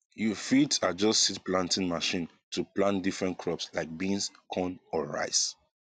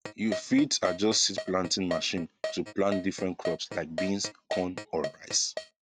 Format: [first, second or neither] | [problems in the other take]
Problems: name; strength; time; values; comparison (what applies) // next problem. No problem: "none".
first | noise reduction (neural mask model RNNoise)